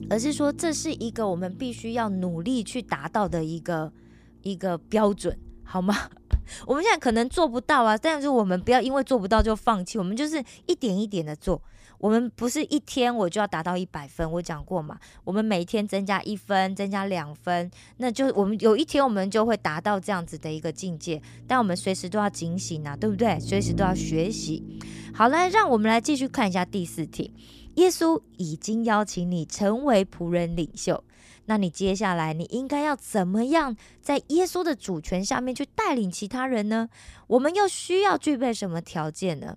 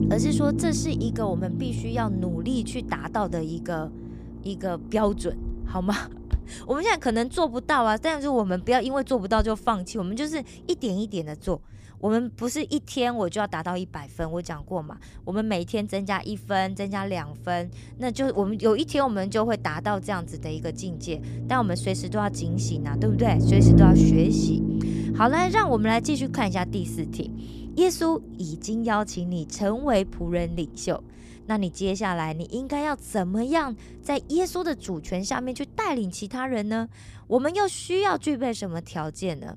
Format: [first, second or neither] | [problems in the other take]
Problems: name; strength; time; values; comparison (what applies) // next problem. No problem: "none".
first | low rumble; loud; throughout; 6 dB below the speech; faint in the first